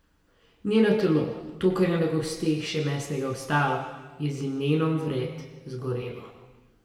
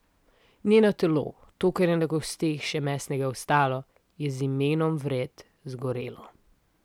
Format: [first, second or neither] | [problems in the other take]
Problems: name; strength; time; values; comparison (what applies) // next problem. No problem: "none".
second | room echo; dies away in 1.3 s